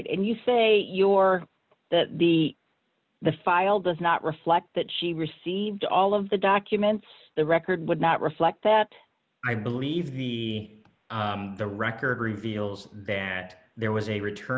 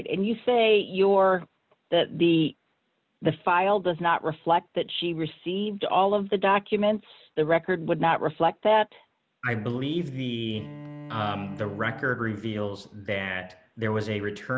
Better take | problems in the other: first | background sound (Bowed string instrument); 17 dB below the speech

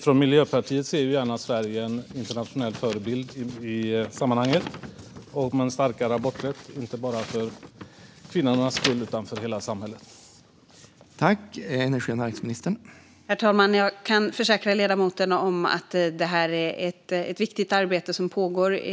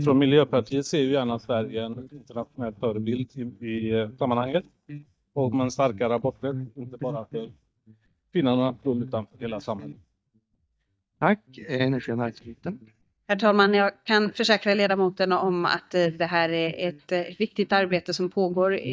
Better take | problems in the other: first | noise reduction (neural mask model DeepFilterNet 3)

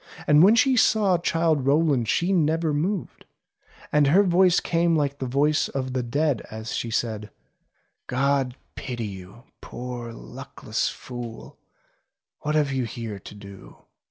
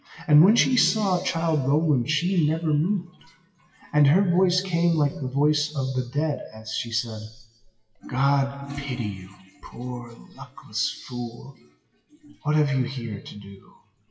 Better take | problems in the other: first | noise reduction (classical method WPE with log-MMSE)

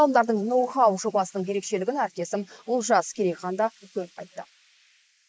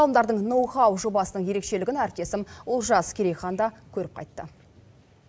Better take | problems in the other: second | noise reduction (neural mask model Resemble Enhance denoiser)

